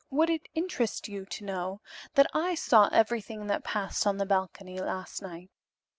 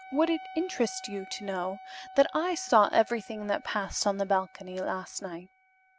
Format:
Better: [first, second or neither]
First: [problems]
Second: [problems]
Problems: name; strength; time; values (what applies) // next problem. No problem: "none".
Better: first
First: none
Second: background sound (Wind instrument, woodwind instrument); 19 dB below the speech